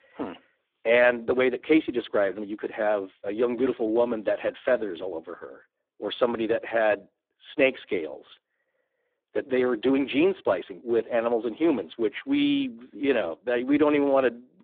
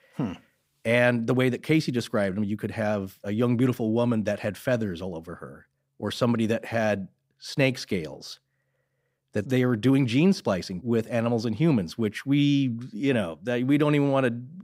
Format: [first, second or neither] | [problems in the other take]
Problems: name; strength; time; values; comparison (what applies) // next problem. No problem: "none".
second | phone-call audio; poor line